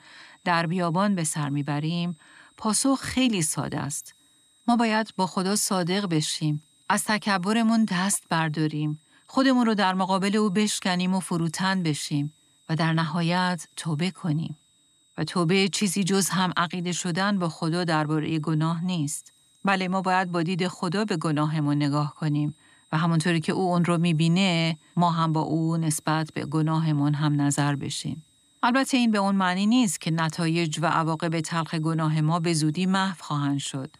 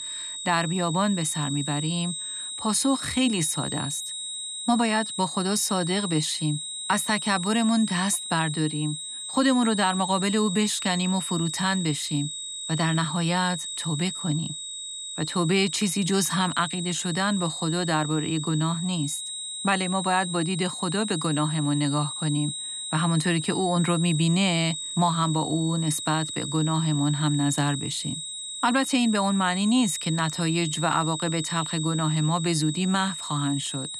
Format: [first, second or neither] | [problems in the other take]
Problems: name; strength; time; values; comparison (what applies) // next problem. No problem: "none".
first | high-pitched whine; loud; throughout; 4 kHz, 6 dB below the speech; faint in the first